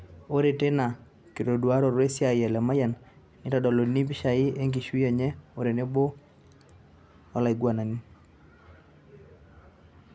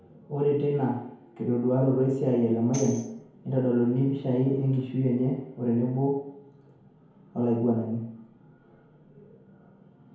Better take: first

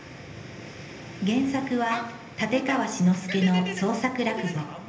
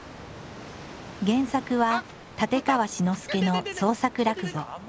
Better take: second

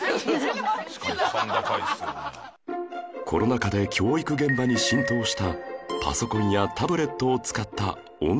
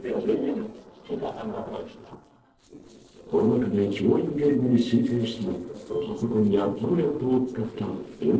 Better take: first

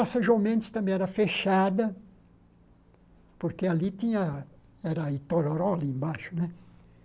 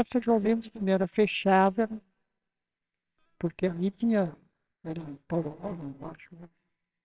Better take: first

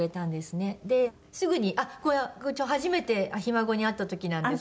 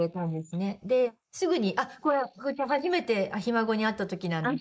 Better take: first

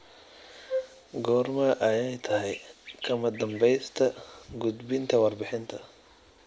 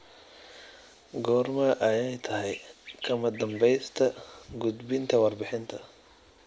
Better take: second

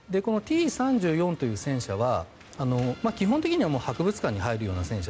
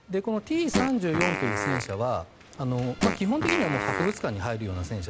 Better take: first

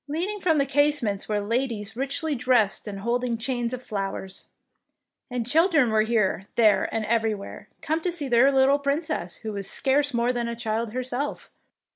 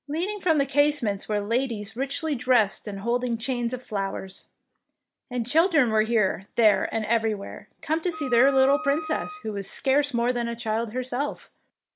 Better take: first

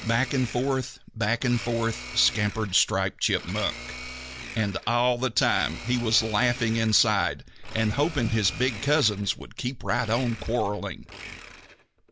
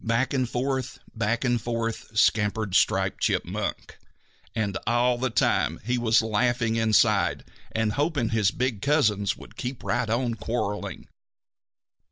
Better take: second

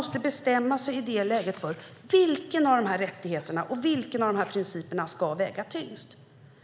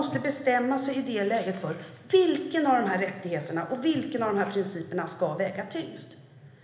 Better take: first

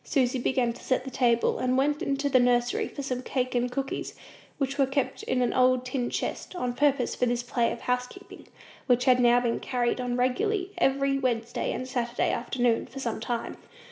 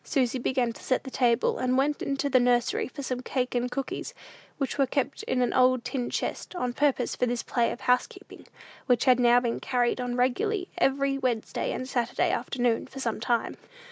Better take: second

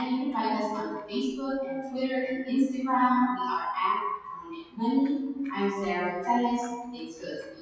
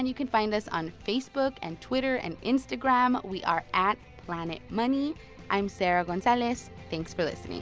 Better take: second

